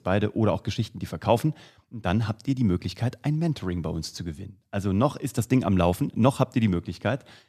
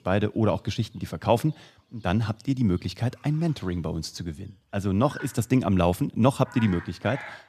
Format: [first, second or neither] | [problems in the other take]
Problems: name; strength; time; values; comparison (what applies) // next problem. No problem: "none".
first | animal sounds; noticeable; throughout; 15 dB below the speech